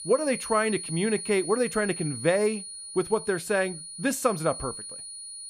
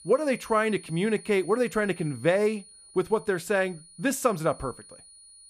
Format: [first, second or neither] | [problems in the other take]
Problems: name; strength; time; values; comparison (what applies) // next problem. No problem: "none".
second | high-pitched whine; loud; throughout; 9.5 kHz, 9 dB below the speech; faint in the second